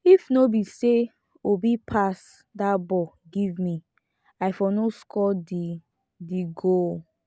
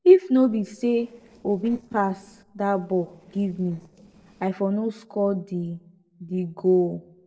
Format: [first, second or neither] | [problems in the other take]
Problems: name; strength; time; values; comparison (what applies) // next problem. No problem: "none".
first | noise reduction (neural separator model SepFormer DNS4)